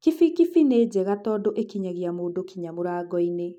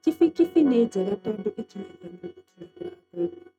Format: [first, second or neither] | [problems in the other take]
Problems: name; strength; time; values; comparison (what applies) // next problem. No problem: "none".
first | noise reduction (neural mask model RNNoise)